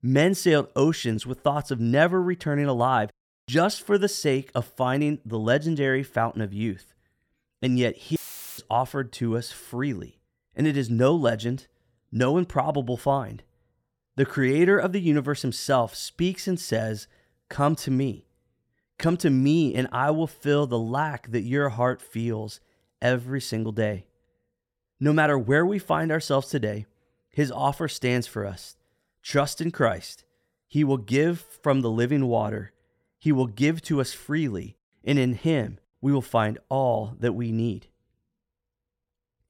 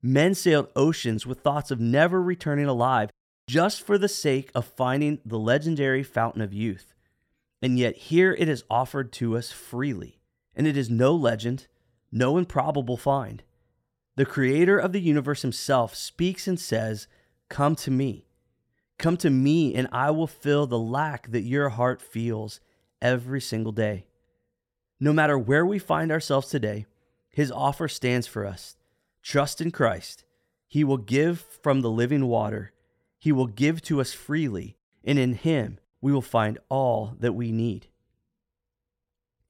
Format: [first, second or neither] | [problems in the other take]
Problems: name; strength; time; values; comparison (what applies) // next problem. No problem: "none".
second | audio cutting out; filled with static; at 8 s